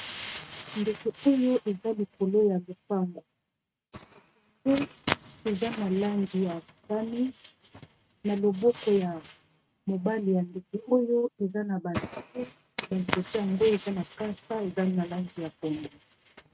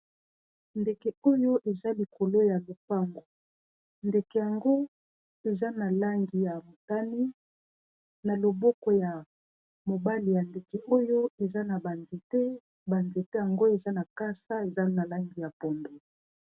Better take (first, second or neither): second